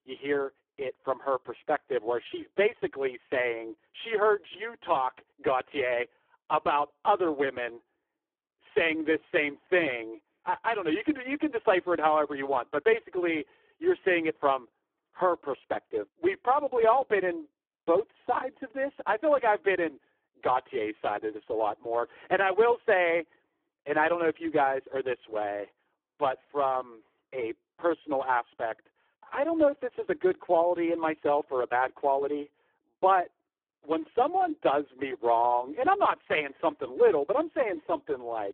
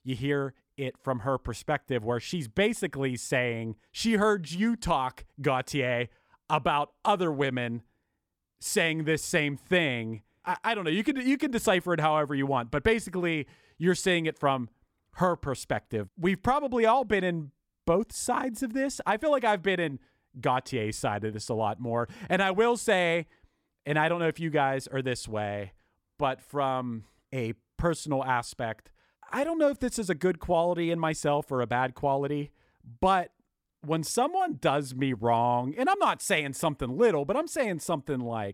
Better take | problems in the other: second | phone-call audio; poor line

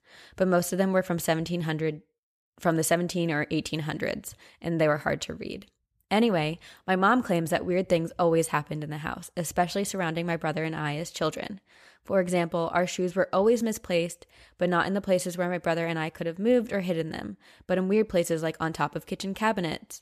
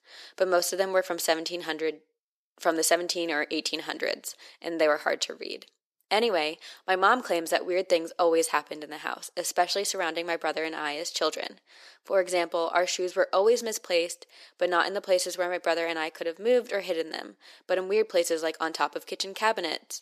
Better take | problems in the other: first | thin; very; fading below 350 Hz

